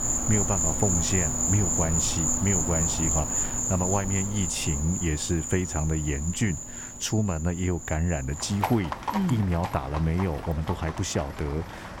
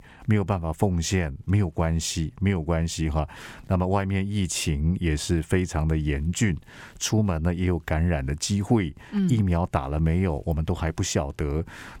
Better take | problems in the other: second | animal sounds; very loud; throughout; 1 dB above the speech

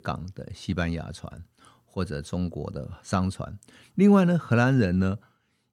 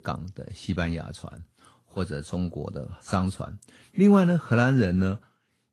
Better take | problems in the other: first | garbled, watery; slightly

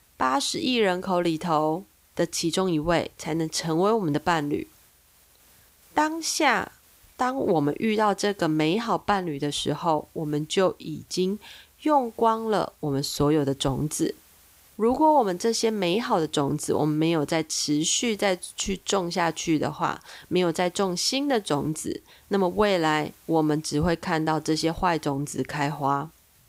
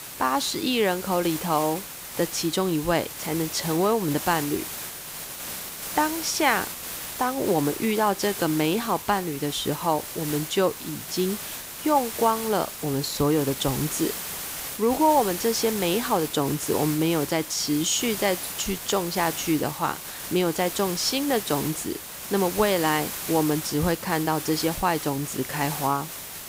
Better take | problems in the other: first | hiss; loud; throughout; 7 dB below the speech; faint in the first

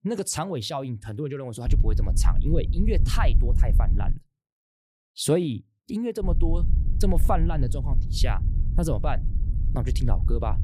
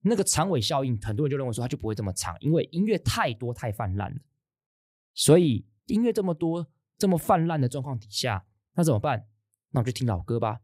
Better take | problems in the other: second | low rumble; noticeable; from 1.5 to 4 s and from 6 s on; 15 dB below the speech

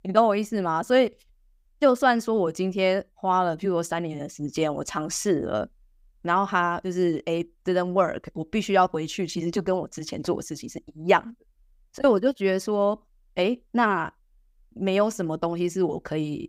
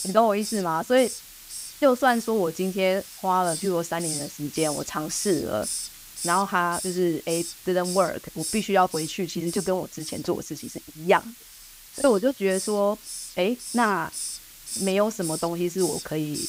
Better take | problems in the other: first | hiss; loud; throughout; 9 dB below the speech

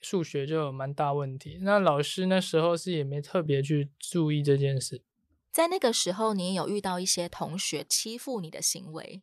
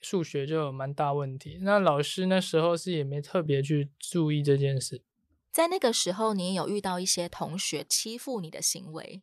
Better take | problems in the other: neither | none

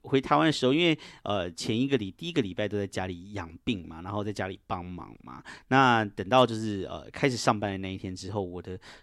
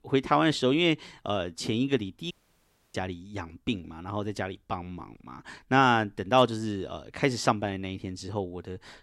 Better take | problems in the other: first | audio cutting out; at 2.5 s for 0.5 s

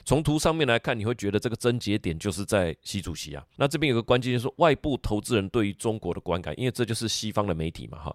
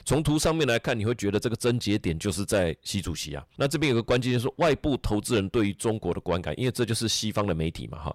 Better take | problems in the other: first | distortion; slight; 10 dB below the speech

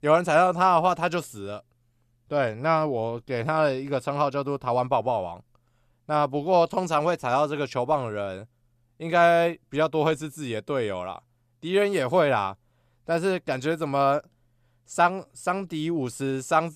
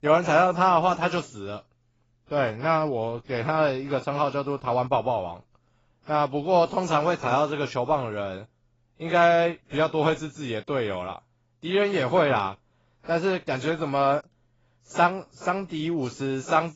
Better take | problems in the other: first | garbled, watery; badly; nothing above 7.5 kHz

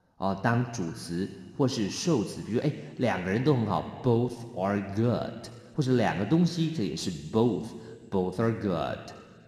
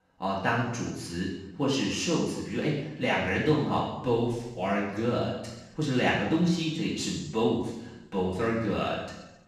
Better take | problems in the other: first | room echo; strong; dies away in 0.9 s; slight in the first // off-mic speech; far

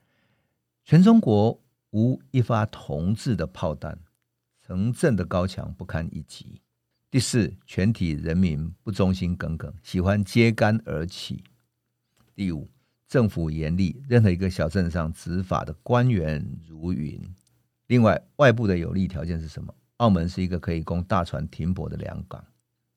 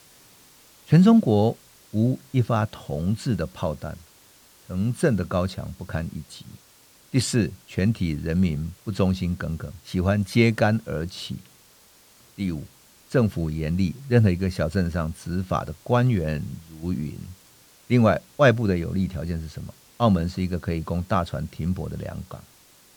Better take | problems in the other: first | hiss; faint; throughout; 25 dB below the speech

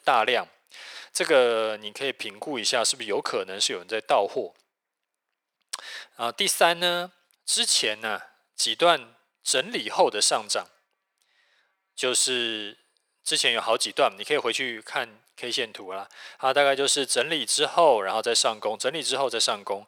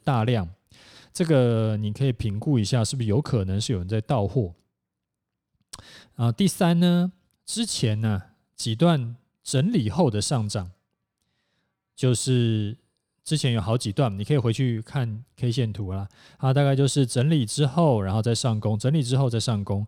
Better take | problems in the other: second | thin; very; fading below 550 Hz

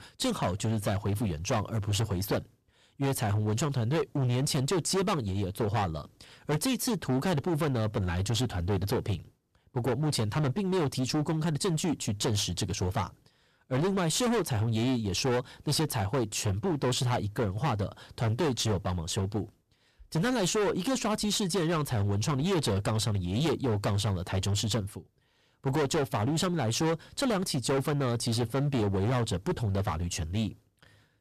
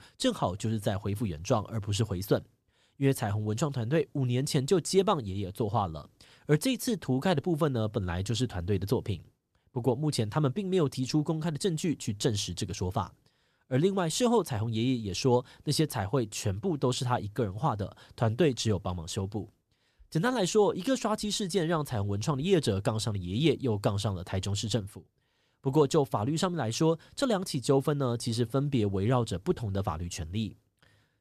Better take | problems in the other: second | distortion; heavy; 20% of the sound clipped

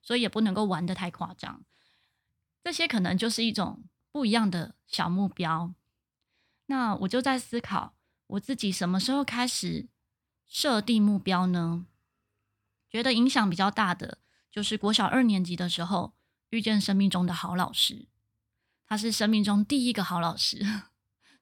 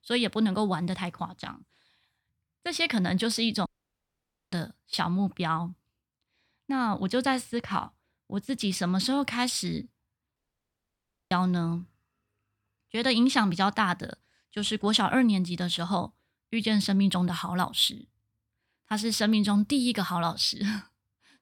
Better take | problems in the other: first | audio cutting out; at 3.5 s for 1 s and at 10 s for 1 s

